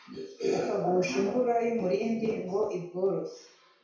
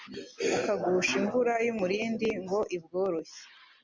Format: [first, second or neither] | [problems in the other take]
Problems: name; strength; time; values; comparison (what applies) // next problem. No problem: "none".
second | room echo; dies away in 0.6 s